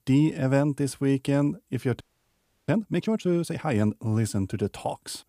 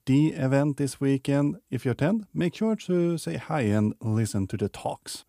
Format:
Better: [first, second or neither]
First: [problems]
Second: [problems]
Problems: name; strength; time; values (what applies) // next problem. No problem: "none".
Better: second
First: audio freezing; at 2 s for 0.5 s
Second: none